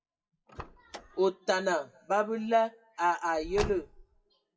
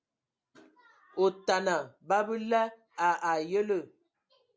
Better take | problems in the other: second | noise reduction (classical method WPE with log-MMSE)

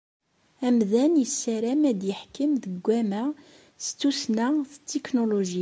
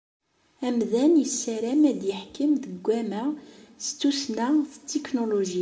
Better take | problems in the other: first | room echo; dies away in 1.6 s

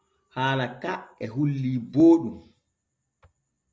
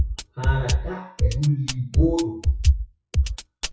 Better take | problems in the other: first | noise reduction (classical method WPE with log-MMSE)

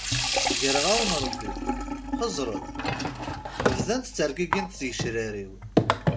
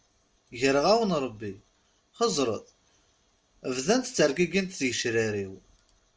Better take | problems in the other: second | background sound (Sink (filling or washing) / Water tap, faucet); 3 dB above the speech

